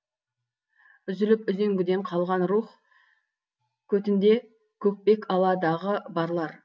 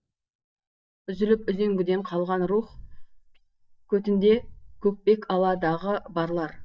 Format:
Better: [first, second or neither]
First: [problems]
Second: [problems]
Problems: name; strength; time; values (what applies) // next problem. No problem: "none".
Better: first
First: none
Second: noise reduction (neural mask model DeepFilterNet 3)